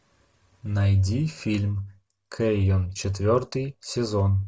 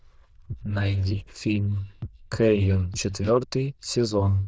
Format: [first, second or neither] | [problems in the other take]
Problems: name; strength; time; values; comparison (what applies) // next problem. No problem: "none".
first | noise reduction (neural diffusion model UNIVERSE++)